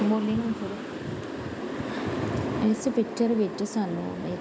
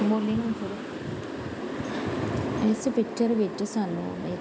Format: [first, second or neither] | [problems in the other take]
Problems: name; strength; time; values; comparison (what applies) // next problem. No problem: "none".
first | background sound (Slam / Wood); 17 dB below the speech